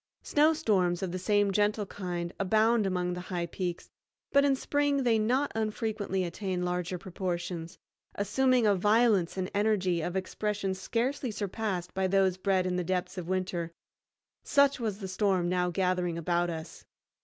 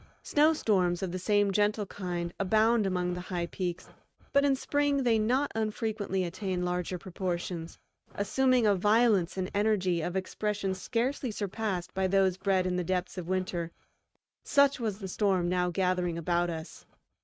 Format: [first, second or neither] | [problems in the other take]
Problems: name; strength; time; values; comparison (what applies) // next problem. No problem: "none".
first | noise reduction (neural mask model RNNoise)